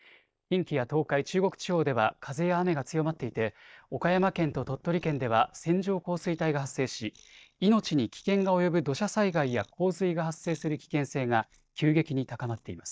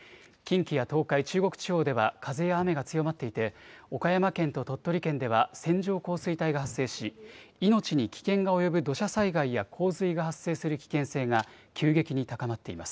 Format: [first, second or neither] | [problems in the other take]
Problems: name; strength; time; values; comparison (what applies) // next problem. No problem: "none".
second | noise reduction (neural mask model DeepFilterNet 3)